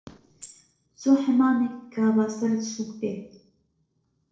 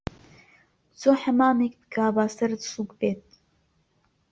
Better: second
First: noise reduction (neural separator model SepFormer DNS4)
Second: none

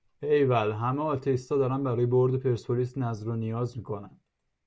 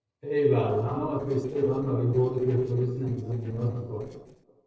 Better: first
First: none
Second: noise reduction (neural separator model SepFormer DNS4)

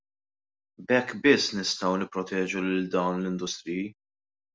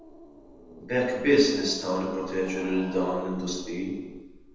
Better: first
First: none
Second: background sound (Growling); 16 dB below the speech // room echo; dies away in 1 s

